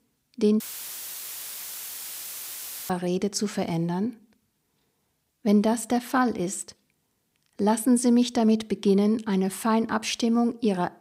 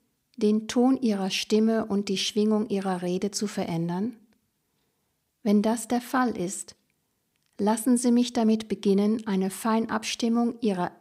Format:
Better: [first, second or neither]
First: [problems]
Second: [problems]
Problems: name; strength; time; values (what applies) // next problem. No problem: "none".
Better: second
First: audio cutting out; filled with static; at 0.5 s for 2.5 s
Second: none